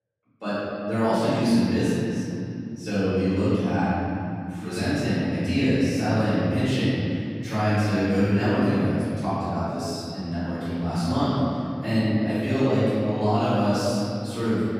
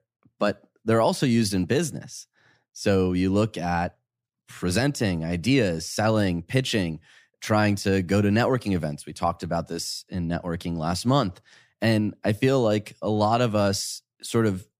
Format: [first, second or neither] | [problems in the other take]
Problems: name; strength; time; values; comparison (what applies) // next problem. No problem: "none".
second | off-mic speech; far // room echo; strong; dies away in 3 s